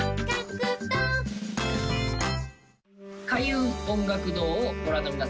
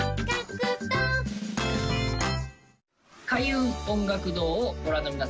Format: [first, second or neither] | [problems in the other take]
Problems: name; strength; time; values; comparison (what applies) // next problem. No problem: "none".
second | background sound (Wind instrument, woodwind instrument); 12 dB below the speech